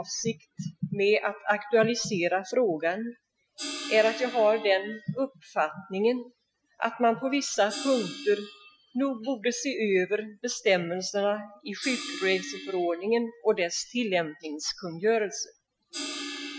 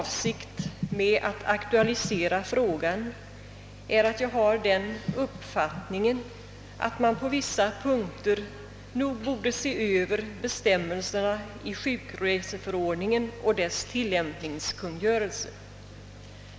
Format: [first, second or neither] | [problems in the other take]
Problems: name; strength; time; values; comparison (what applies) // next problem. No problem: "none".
second | noise reduction (classical method Wiener filter)